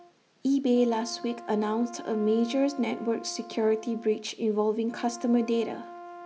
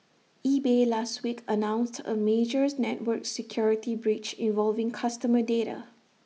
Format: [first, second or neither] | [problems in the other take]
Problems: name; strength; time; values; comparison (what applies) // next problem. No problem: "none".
second | background sound (Brass instrument); 17 dB below the speech